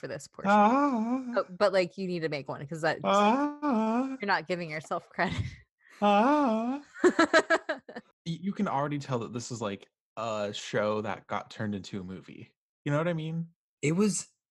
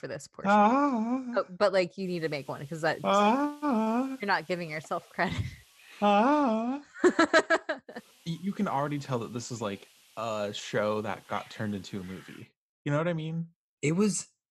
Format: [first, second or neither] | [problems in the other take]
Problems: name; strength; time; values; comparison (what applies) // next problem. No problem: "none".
first | hiss; faint; from 2 to 6 s and from 8 to 12 s; 25 dB below the speech